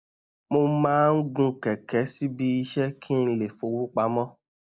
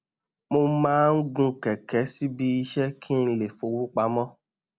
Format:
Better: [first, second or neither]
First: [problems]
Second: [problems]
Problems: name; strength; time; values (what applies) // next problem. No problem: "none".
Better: second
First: noise reduction (neural mask model Resemble Enhance denoiser)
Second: none